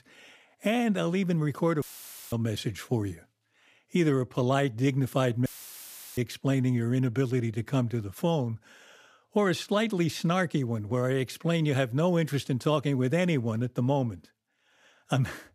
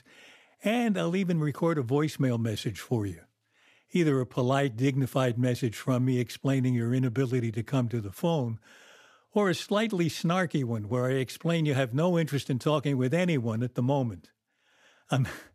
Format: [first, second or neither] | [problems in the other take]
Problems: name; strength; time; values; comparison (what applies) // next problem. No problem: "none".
second | audio cutting out; filled with static; at 2 s and at 5.5 s for 0.5 s